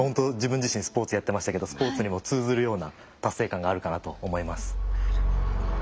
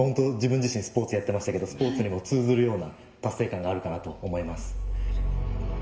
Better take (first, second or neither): first